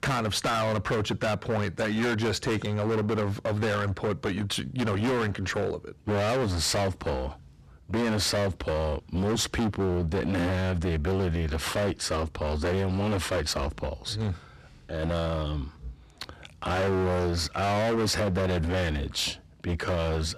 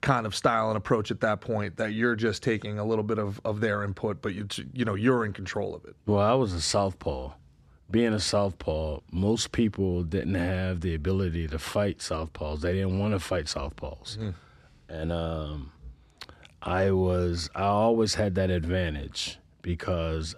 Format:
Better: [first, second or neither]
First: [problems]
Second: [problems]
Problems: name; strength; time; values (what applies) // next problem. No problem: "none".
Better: second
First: distortion; heavy; 27% of the sound clipped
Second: none